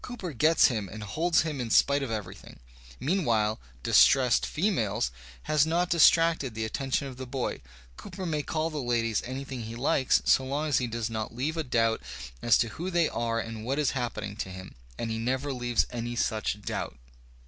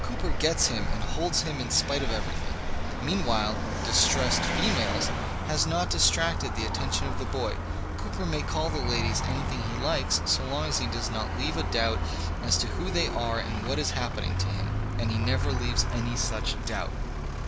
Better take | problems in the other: first | background sound (Vehicle); 1 dB above the speech

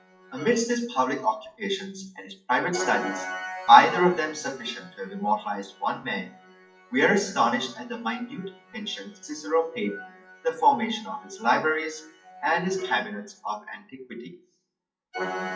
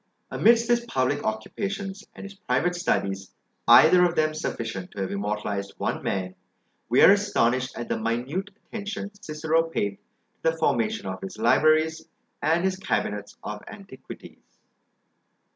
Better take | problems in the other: second | noise reduction (classical method WPE with log-MMSE)

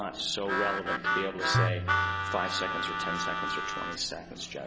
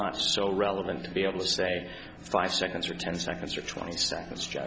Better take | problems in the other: second | background sound (Tabla + Harmonica); 4 dB above the speech

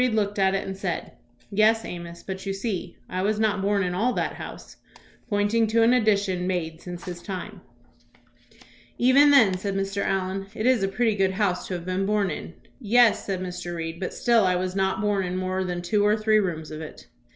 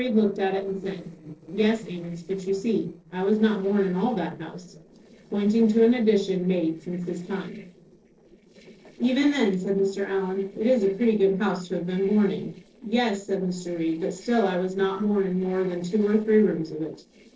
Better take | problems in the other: first | noise reduction (neural separator model SepFormer DNS4)

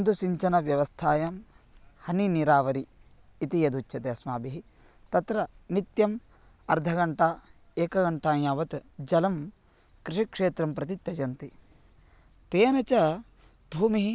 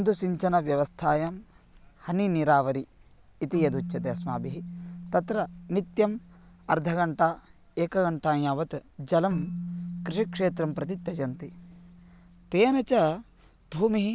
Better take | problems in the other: first | background sound (Keyboard (musical)); 13 dB below the speech

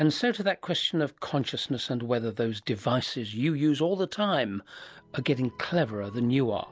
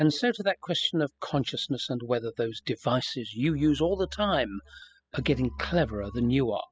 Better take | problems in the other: first | noise reduction (classical method spectral subtraction)

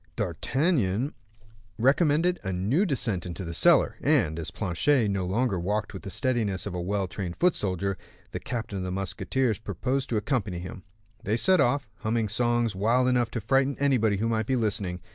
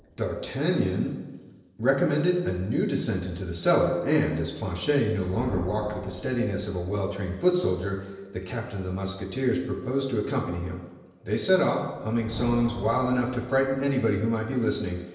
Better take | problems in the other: first | background sound (Thunder); 18 dB below the speech // room echo; dies away in 1 s

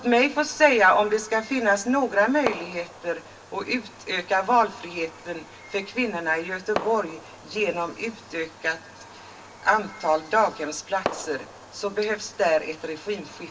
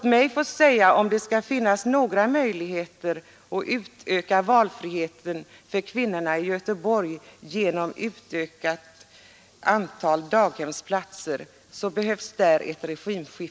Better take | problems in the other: second | background sound (Fireworks); 15 dB below the speech // room echo; dies away in 0.2 s

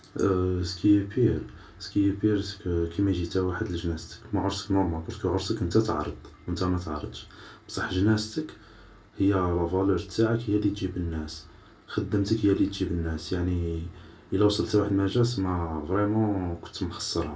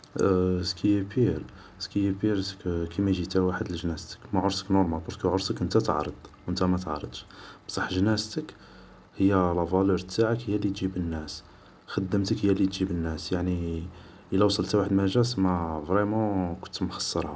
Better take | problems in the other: second | room echo; dies away in 0.2 s

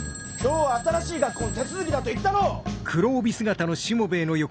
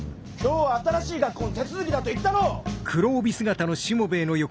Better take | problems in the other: second | background sound (Telephone); 16 dB below the speech

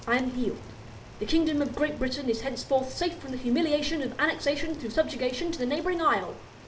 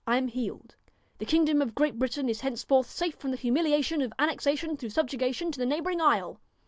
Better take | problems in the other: second | background sound (Rain); 17 dB below the speech // room echo; dies away in 0.5 s

